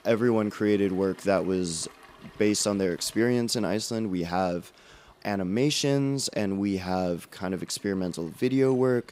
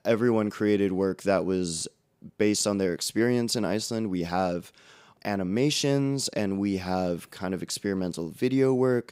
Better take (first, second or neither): second